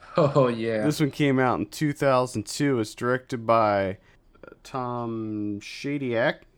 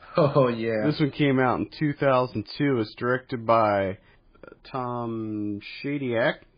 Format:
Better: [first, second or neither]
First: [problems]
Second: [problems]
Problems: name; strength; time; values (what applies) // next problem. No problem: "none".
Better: first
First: none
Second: garbled, watery; badly; nothing above 4.5 kHz